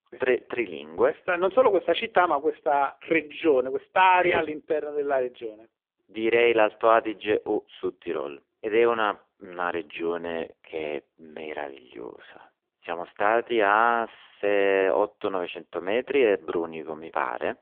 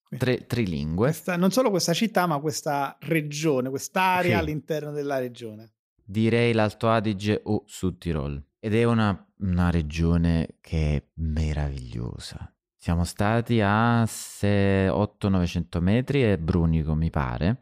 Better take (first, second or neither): second